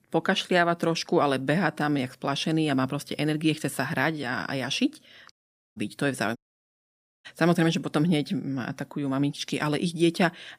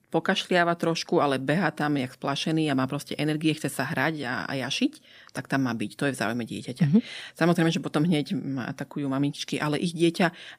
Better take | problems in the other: second | audio cutting out; at 5.5 s and at 6.5 s for 1 s

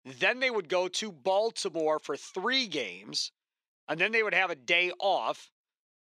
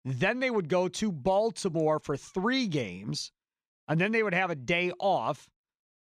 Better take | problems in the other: second | thin; somewhat; fading below 400 Hz

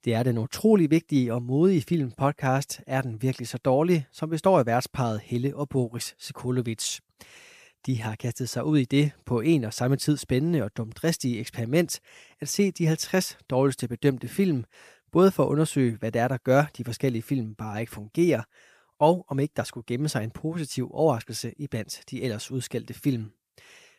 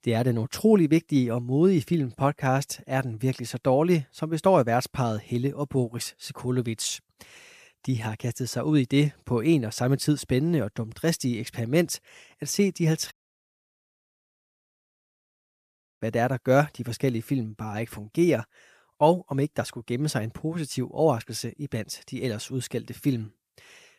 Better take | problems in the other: first | audio cutting out; at 13 s for 3 s

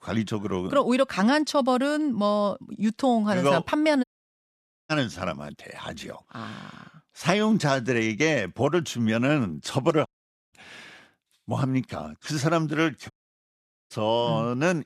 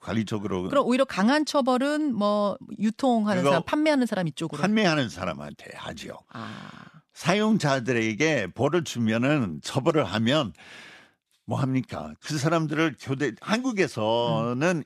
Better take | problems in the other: second | audio cutting out; at 4 s for 1 s, at 10 s and at 13 s for 1 s

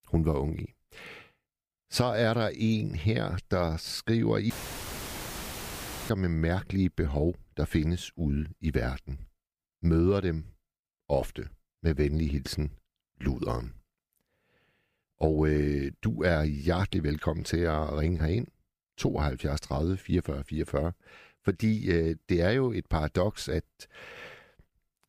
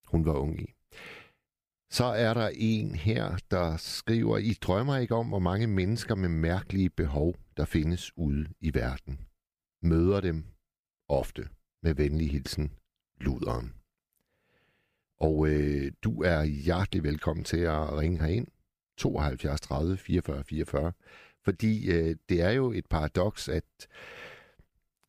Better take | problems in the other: second | audio cutting out; filled with static; at 4.5 s for 1.5 s

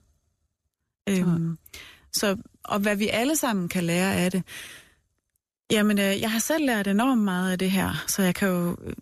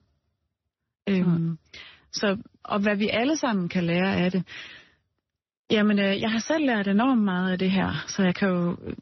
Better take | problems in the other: first | garbled, watery; slightly; nothing above 6 kHz

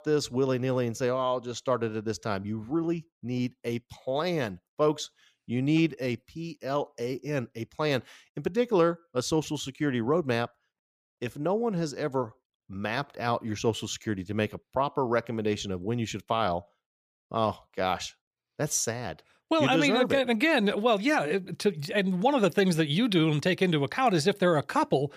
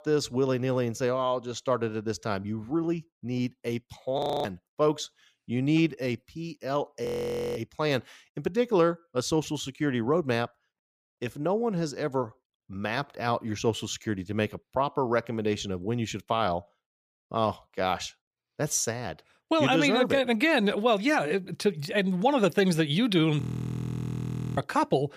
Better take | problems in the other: first | audio freezing; at 4 s, at 7 s for 0.5 s and at 23 s for 1 s

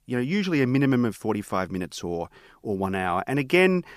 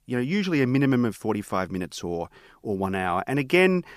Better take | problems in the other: neither | none

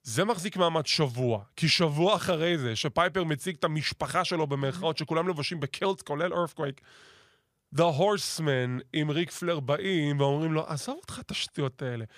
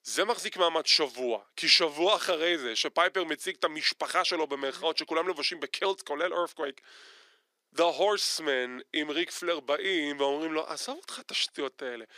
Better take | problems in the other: first | thin; somewhat; fading below 300 Hz

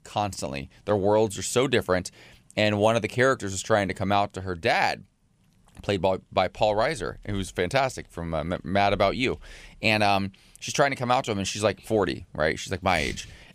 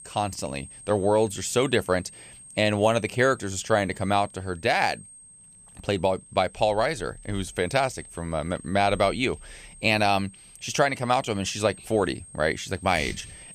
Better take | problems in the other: first | high-pitched whine; noticeable; throughout; 8.5 kHz, 20 dB below the speech

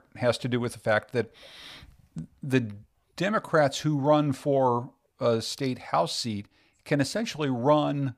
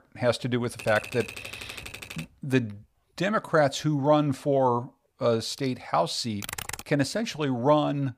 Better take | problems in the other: first | keyboard typing; faint; from 1 to 2.5 s; peak 10 dB below the speech // keyboard typing; noticeable; at 6.5 s; peak 8 dB below the speech

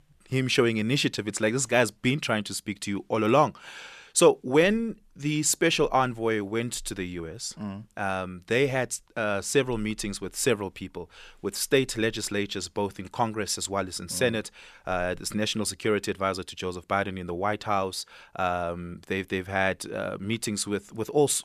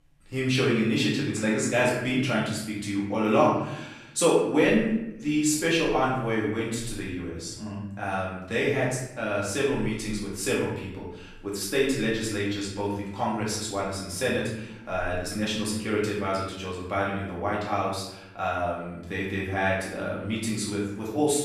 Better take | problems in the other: first | off-mic speech; far // room echo; noticeable; dies away in 0.8 s

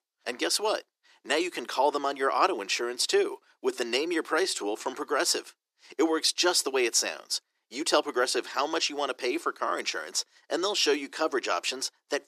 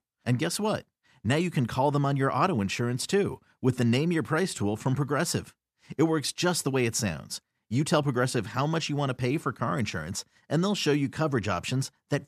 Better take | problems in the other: second | thin; very; fading below 350 Hz

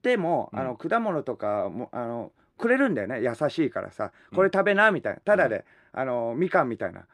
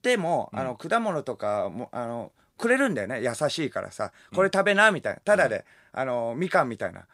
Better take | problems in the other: second | muffled; slightly; fading above 4 kHz

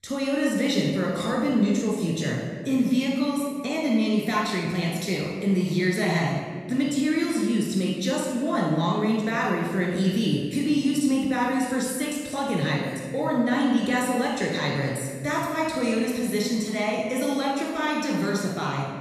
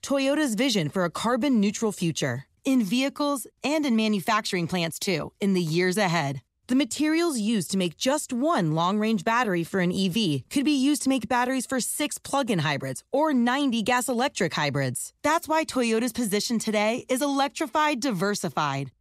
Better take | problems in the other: second | off-mic speech; far // room echo; noticeable; dies away in 1.6 s

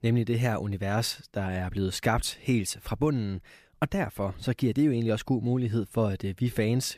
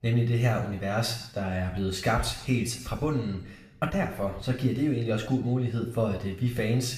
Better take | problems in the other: first | room echo; slight; dies away in 0.7 s // off-mic speech; somewhat distant

